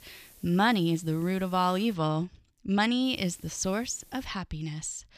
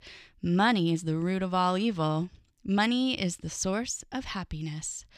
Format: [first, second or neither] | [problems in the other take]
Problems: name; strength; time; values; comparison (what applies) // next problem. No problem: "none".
second | hiss; faint; until 2 s and from 3 to 4.5 s; 25 dB below the speech